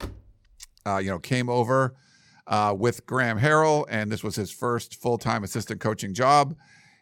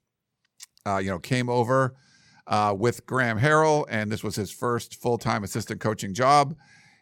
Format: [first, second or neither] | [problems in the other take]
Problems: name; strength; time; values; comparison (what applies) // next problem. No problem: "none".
second | door banging; faint; at the start; peak 15 dB below the speech